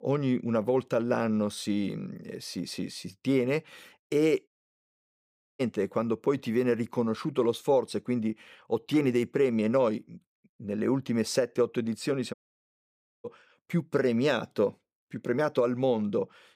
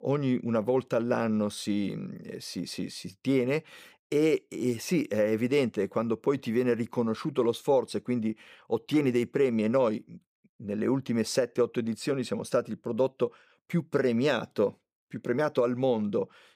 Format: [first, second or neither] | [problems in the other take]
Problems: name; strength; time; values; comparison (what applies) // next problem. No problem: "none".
second | audio cutting out; at 4.5 s for 1 s and at 12 s for 1 s